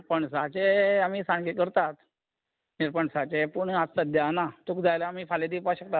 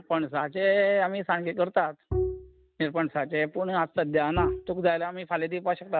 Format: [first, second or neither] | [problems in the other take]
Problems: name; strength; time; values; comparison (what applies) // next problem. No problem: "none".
first | noise reduction (neural mask model RNNoise)